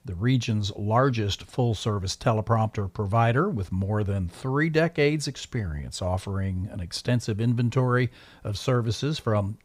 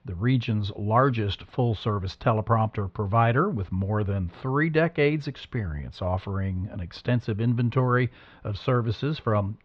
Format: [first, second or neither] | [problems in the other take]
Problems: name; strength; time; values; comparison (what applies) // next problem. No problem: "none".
first | muffled; slightly; fading above 3.5 kHz